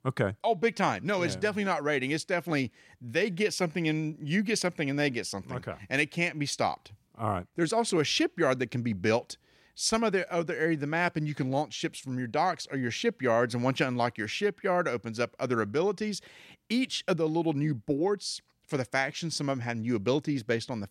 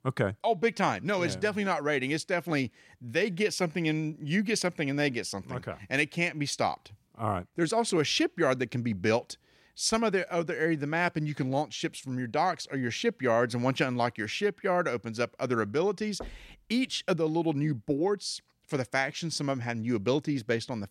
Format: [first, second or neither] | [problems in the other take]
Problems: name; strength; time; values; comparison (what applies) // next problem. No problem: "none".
first | door banging; faint; at 16 s; peak 15 dB below the speech